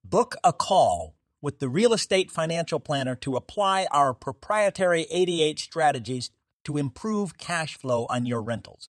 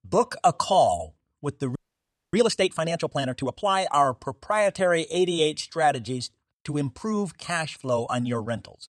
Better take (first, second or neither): first